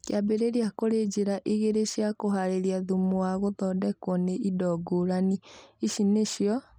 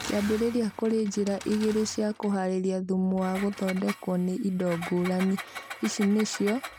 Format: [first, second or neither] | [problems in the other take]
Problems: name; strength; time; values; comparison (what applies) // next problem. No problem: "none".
first | background sound (Engine); 14 dB below the speech